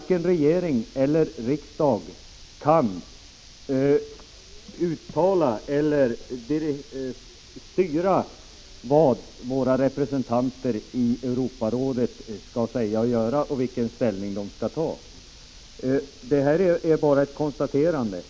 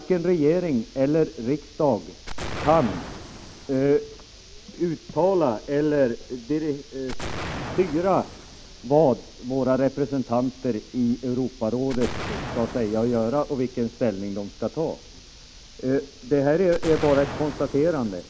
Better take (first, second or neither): first